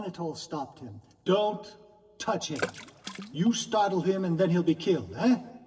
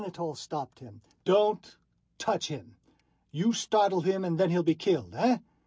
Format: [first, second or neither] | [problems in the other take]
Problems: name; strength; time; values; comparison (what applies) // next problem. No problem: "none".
second | background sound (Water / Splash, splatter); 14 dB below the speech // room echo; dies away in 1.6 s